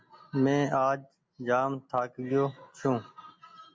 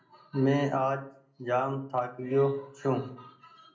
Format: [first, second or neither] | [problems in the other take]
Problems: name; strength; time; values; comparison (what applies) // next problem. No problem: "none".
first | room echo; dies away in 0.5 s